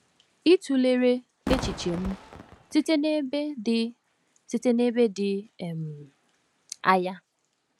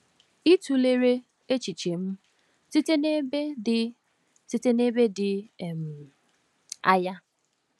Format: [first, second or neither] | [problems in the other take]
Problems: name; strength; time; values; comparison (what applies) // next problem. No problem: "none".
second | background sound (Fireworks); 7 dB below the speech